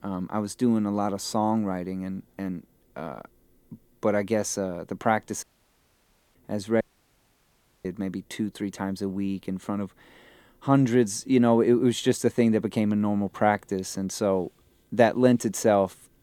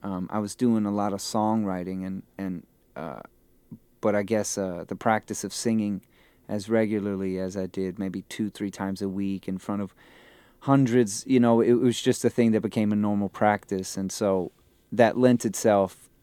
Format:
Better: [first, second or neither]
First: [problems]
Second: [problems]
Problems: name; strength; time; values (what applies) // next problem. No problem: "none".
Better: second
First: audio cutting out; at 5.5 s for 1 s and at 7 s for 1 s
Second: none